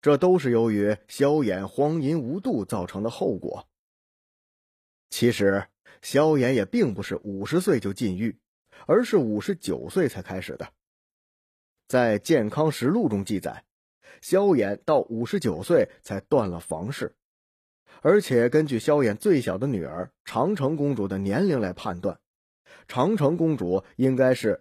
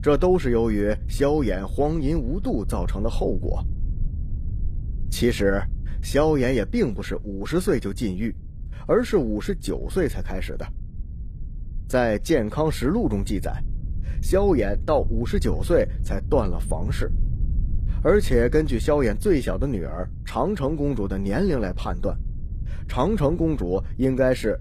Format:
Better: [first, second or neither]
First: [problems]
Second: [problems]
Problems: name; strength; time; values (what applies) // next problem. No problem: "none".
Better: first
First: none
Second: low rumble; faint; throughout; 25 dB below the speech